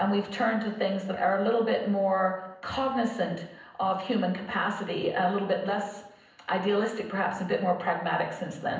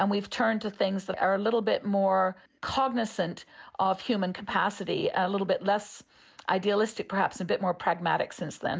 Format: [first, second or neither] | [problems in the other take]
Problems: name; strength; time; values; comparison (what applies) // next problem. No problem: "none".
second | room echo; dies away in 0.8 s